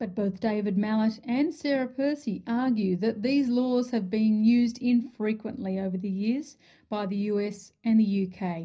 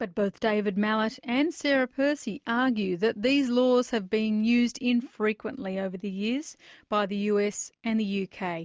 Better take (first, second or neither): second